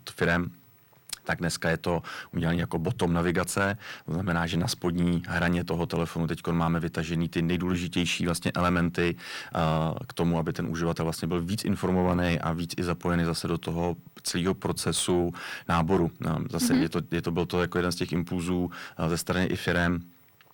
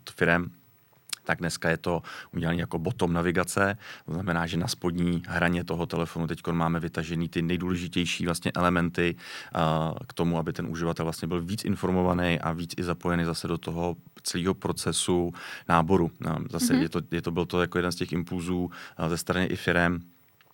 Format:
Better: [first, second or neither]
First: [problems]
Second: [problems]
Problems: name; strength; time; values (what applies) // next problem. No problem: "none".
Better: second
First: distortion; slight; 10 dB below the speech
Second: none